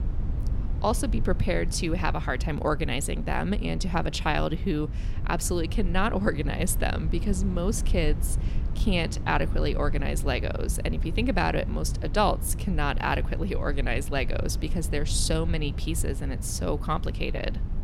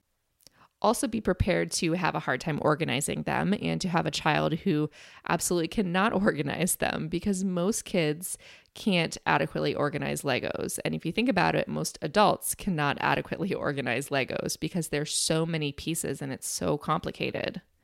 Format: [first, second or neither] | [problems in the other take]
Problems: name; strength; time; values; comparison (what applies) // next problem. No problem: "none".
second | low rumble; noticeable; throughout; 15 dB below the speech